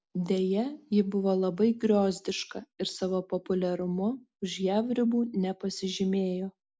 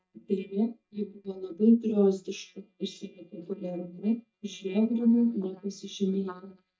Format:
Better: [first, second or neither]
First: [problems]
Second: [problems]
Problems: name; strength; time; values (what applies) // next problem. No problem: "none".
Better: first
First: none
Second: noise reduction (neural mask model DeepFilterNet 3)